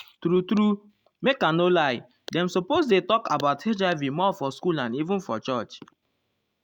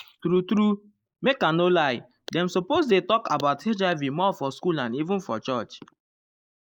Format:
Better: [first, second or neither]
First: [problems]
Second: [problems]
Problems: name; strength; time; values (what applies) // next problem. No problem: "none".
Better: first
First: none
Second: noise reduction (neural mask model Resemble Enhance denoiser)